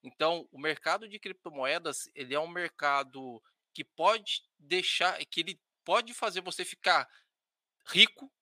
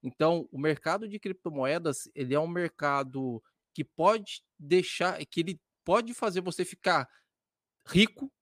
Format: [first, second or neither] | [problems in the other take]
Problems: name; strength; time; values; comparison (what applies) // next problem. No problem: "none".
second | thin; somewhat; fading below 1 kHz